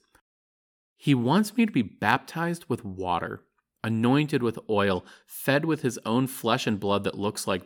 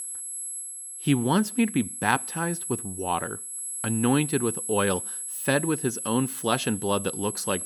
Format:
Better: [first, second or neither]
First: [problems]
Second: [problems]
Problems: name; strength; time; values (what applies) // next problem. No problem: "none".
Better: first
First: none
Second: high-pitched whine; loud; throughout; 11 kHz, 5 dB below the speech